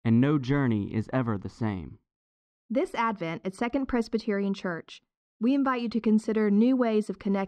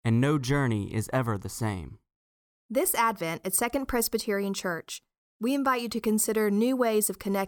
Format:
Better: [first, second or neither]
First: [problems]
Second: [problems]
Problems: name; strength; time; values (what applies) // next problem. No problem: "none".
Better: second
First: muffled; slightly; fading above 4 kHz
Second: none